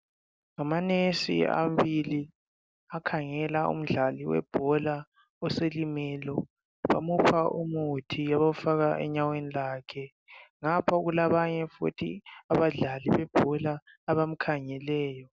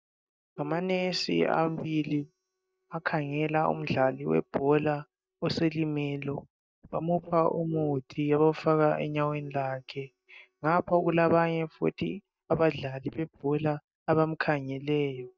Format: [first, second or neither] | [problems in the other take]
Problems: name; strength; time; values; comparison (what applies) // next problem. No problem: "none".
first | noise reduction (neural mask model DeepFilterNet 3)